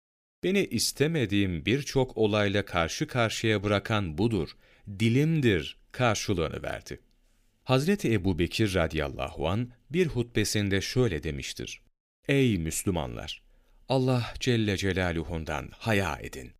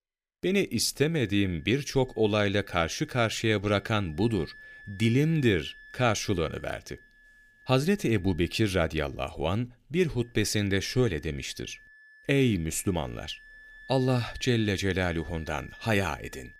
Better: first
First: none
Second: background music; faint; throughout; 25 dB below the speech

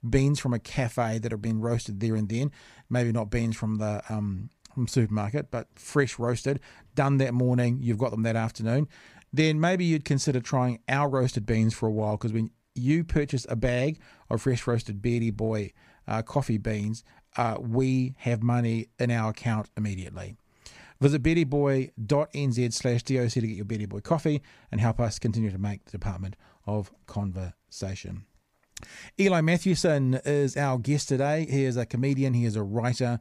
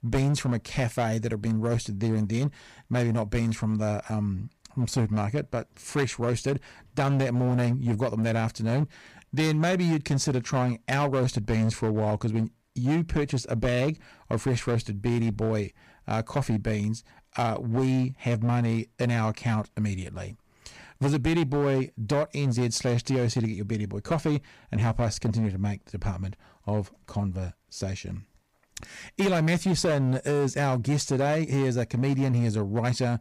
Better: first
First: none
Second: distortion; slight; 10% of the sound clipped

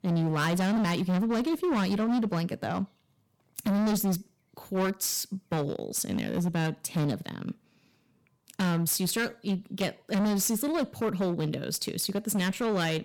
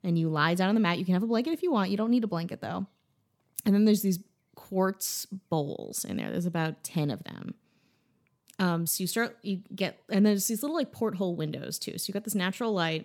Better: second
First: distortion; heavy; 17% of the sound clipped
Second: none

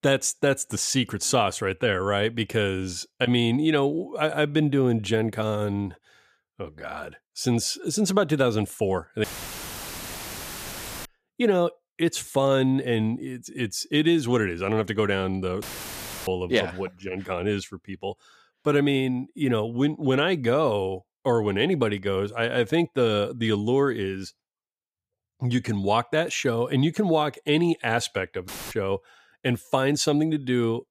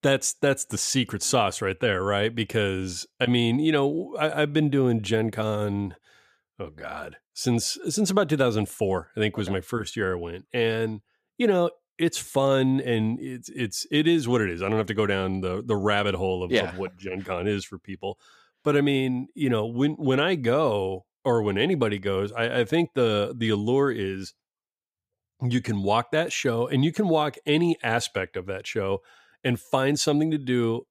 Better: second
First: audio cutting out; filled with static; at 9 s for 2 s, at 16 s for 0.5 s and at 28 s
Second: none

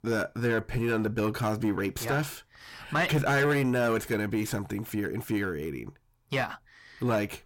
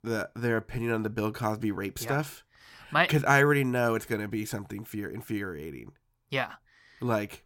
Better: second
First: distortion; heavy; 6 dB below the speech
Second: none

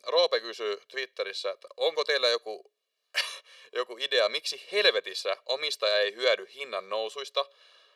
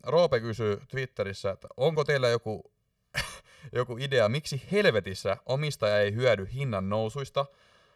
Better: second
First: thin; very; fading below 350 Hz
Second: none

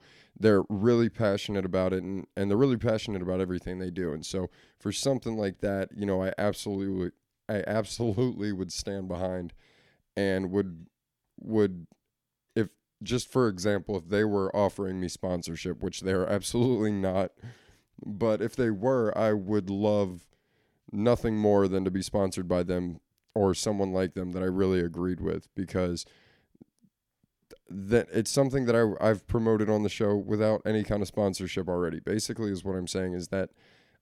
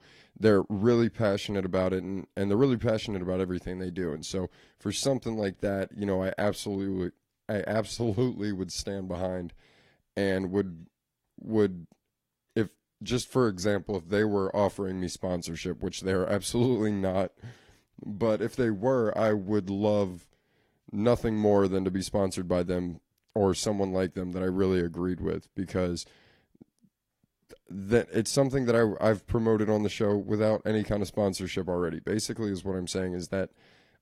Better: first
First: none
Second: garbled, watery; slightly

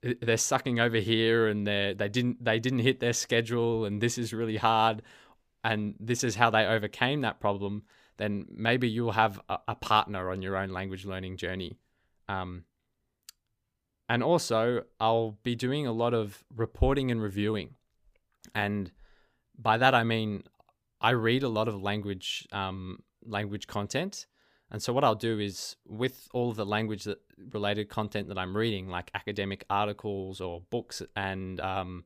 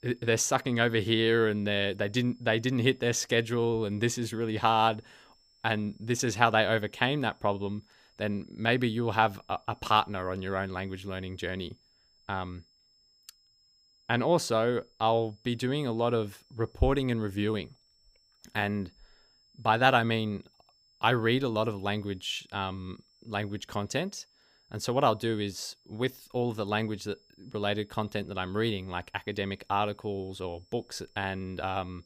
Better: first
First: none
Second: high-pitched whine; faint; throughout; 5 kHz, 35 dB below the speech

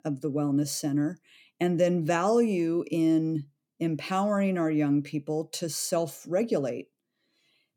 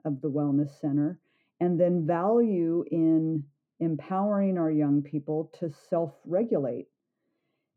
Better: first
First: none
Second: muffled; very; fading above 2.5 kHz

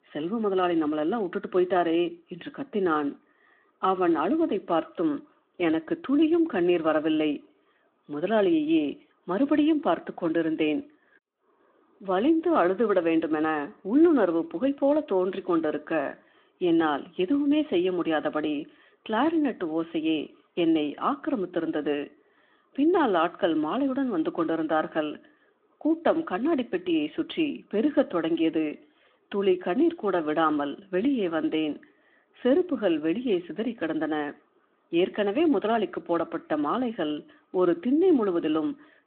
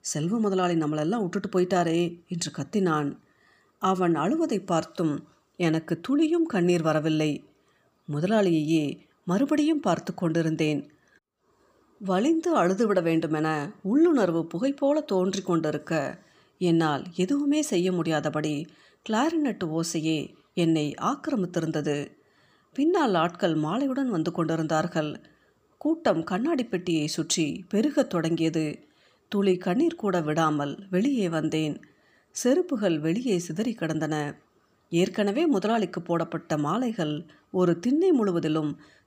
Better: second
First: phone-call audio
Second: none

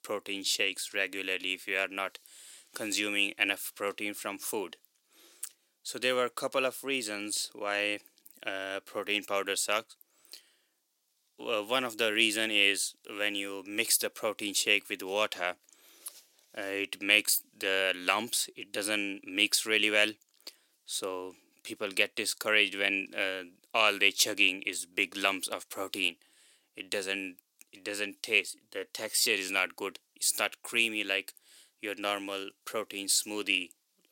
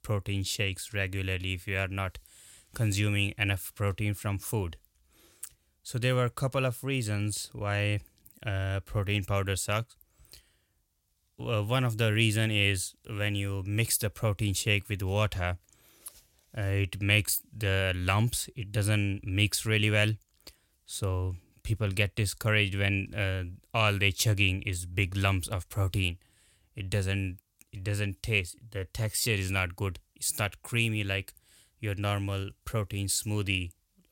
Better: second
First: thin; very; fading below 300 Hz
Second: none

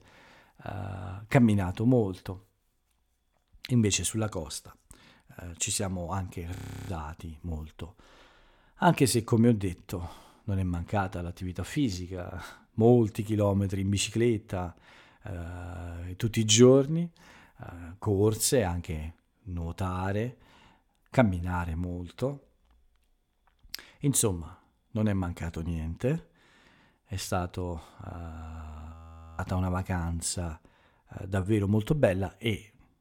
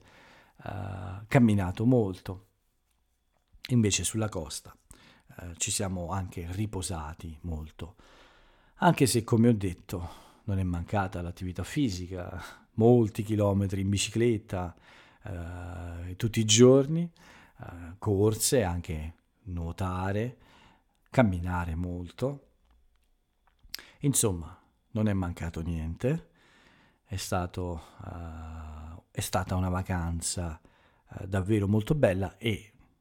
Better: second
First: audio freezing; at 6.5 s and at 29 s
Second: none

